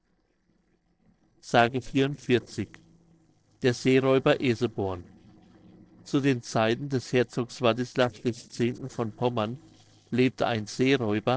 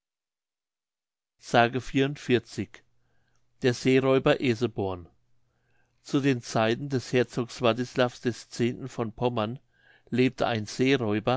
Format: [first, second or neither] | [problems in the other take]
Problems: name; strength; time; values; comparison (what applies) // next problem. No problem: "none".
second | noise reduction (neural separator model SepFormer DNS4)